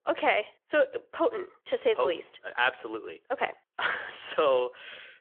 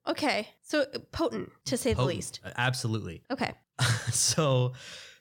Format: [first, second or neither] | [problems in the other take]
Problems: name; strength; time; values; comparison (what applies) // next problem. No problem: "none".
second | phone-call audio